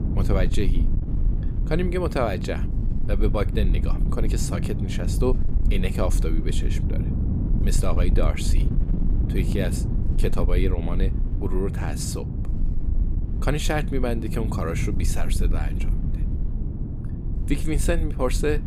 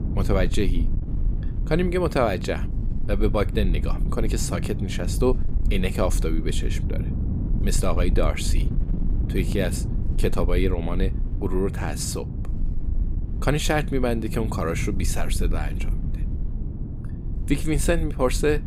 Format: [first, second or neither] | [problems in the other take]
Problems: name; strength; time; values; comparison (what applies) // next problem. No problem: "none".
second | wind noise on the microphone; heavy; 9 dB below the speech; occasional gusts in the second